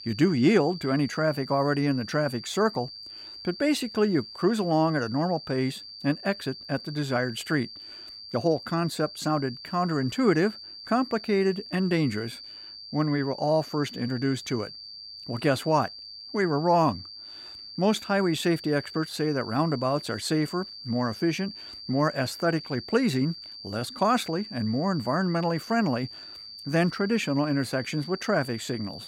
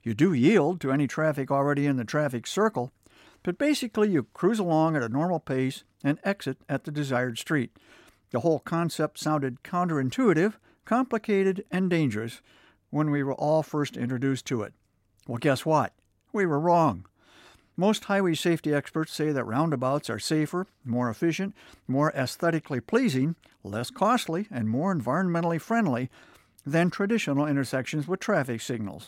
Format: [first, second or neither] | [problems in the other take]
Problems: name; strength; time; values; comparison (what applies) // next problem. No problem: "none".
second | high-pitched whine; noticeable; throughout; 4.5 kHz, 15 dB below the speech